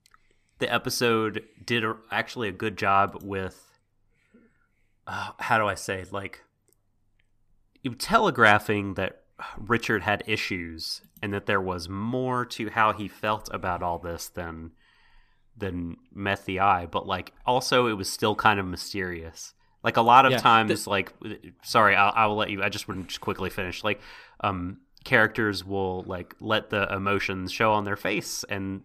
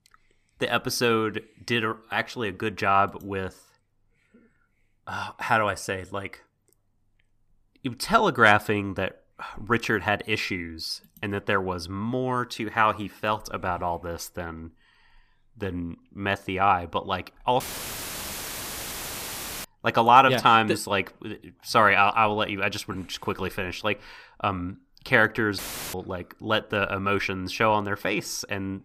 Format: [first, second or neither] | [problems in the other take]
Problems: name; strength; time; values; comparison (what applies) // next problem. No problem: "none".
first | audio cutting out; filled with static; at 18 s for 2 s and at 26 s